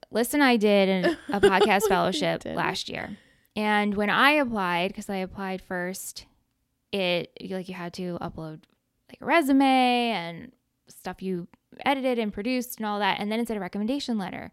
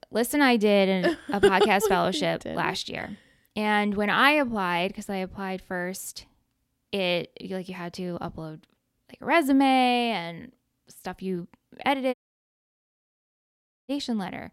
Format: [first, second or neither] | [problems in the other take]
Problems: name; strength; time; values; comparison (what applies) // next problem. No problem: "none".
first | audio cutting out; at 12 s for 1.5 s